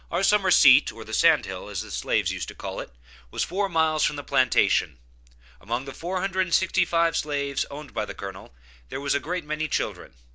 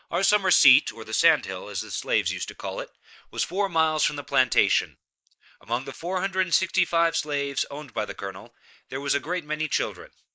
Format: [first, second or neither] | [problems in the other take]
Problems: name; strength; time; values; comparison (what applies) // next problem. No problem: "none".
first | noise reduction (neural mask model Resemble Enhance denoiser)